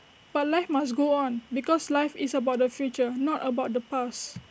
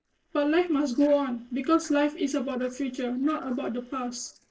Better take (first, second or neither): first